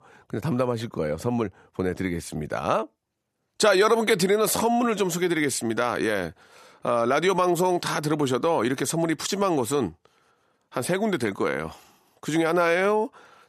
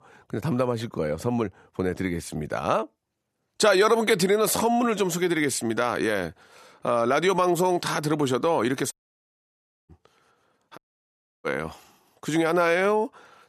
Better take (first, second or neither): first